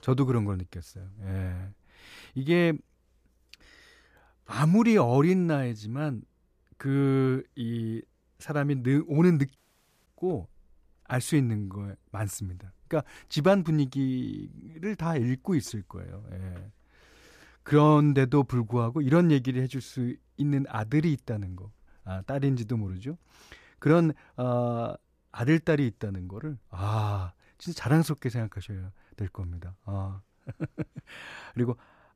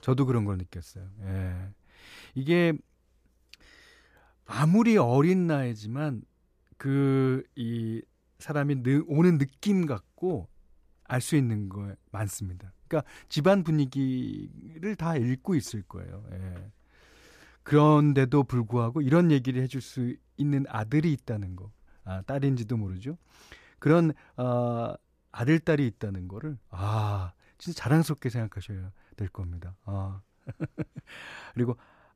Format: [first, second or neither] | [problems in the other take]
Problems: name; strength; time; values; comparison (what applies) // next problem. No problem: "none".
second | audio cutting out; at 9.5 s for 0.5 s